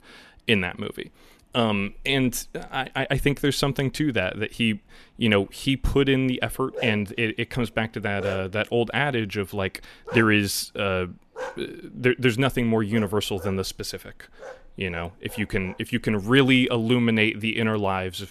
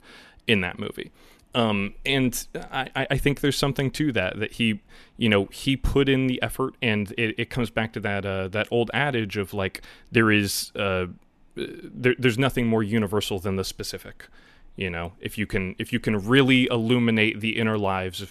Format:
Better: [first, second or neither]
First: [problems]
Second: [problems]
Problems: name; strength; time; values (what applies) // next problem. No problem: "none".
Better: second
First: dog barking; noticeable; from 6.5 to 16 s; peak 9 dB below the speech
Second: none